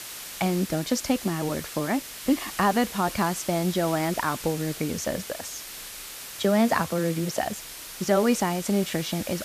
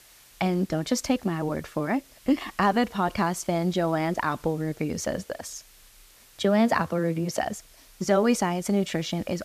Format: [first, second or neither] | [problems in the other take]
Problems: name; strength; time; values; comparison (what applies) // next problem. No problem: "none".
second | hiss; loud; throughout; 10 dB below the speech; faint in the second